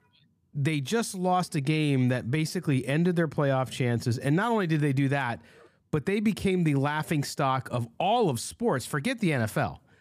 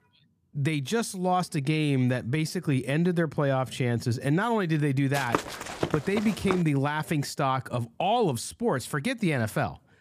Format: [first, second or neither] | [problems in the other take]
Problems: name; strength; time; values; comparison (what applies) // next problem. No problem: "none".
first | footsteps; noticeable; from 5 to 6.5 s; peak 3 dB below the speech